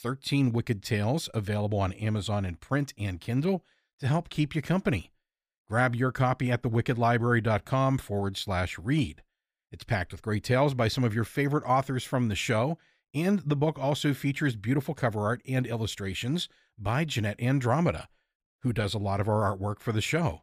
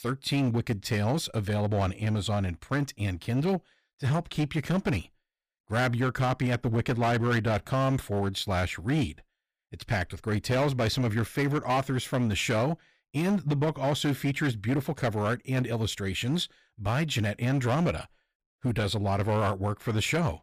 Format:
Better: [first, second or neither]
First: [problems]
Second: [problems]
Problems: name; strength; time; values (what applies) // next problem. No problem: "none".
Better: first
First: none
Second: distortion; slight; 12% of the sound clipped